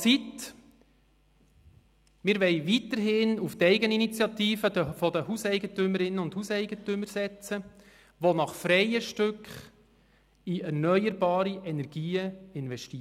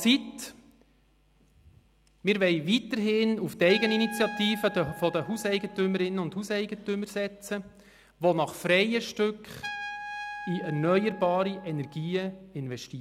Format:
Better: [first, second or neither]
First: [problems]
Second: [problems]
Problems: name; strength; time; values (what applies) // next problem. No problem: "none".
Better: first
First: none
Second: background sound (Trumpet); 15 dB below the speech